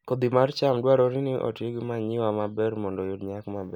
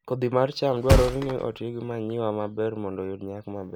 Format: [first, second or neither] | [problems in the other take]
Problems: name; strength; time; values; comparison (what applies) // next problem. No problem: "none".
first | background sound (Thump, thud); 1 dB below the speech